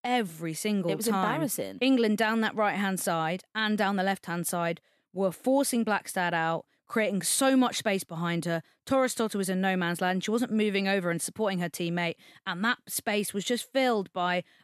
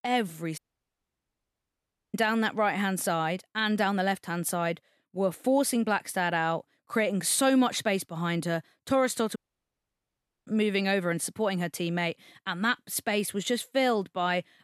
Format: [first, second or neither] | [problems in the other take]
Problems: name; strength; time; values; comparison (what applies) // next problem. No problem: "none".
first | audio cutting out; at 0.5 s for 1.5 s and at 9.5 s for 1 s